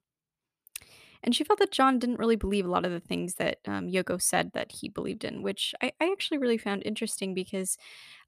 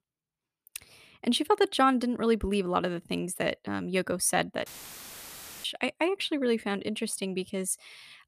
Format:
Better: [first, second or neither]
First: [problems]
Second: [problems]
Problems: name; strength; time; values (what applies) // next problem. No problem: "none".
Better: first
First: none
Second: audio cutting out; filled with static; at 4.5 s for 1 s